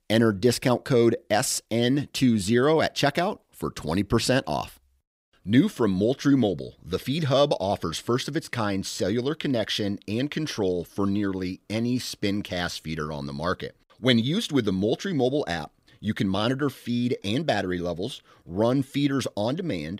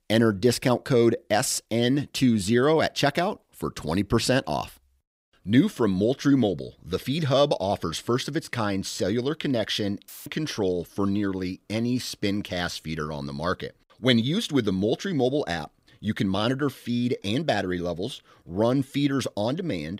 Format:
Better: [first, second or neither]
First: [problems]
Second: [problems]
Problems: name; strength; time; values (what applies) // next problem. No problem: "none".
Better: first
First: none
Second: audio cutting out; filled with static; at 10 s